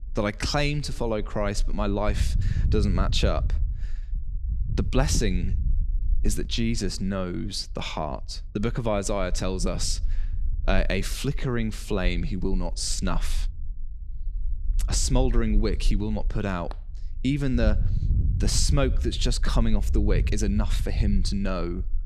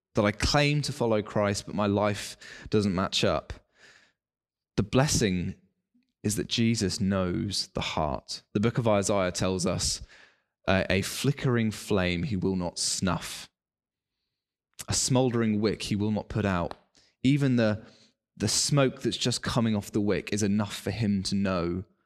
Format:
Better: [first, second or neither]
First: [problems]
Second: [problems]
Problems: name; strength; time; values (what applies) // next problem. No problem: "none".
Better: second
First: low rumble; noticeable; throughout; 20 dB below the speech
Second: none